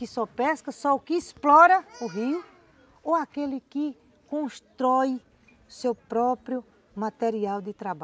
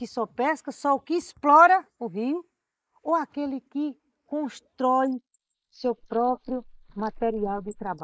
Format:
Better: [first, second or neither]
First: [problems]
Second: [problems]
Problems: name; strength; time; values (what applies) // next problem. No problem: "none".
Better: first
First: none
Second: noise reduction (neural mask model Resemble Enhance denoiser)